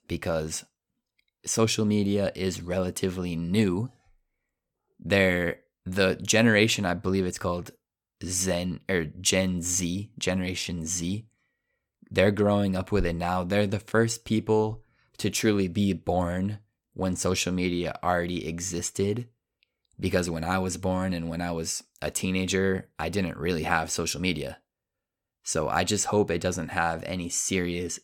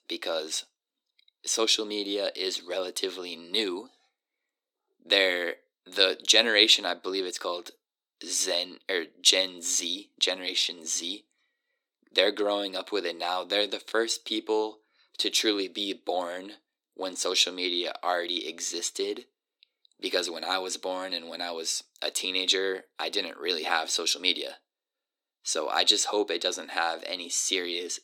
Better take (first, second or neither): first